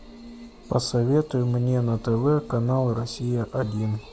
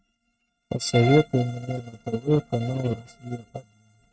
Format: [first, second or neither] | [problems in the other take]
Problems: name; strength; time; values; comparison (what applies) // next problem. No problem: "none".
first | noise reduction (neural mask model RNNoise)